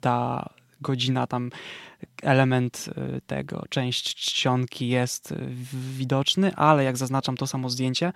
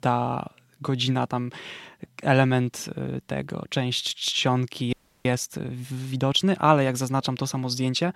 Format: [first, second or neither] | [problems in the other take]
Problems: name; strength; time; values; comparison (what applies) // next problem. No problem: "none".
first | audio freezing; at 5 s